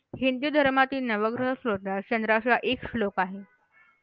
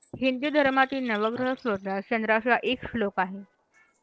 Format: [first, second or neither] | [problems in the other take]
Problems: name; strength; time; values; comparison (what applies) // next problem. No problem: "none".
first | noise reduction (neural separator model SepFormer DNS4)